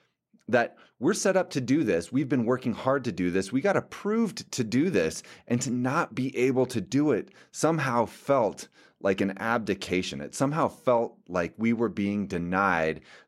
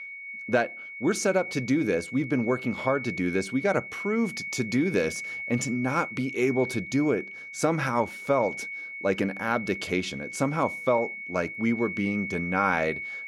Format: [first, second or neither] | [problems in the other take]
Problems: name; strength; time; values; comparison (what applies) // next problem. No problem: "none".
first | high-pitched whine; loud; throughout; 2 kHz, 8 dB below the speech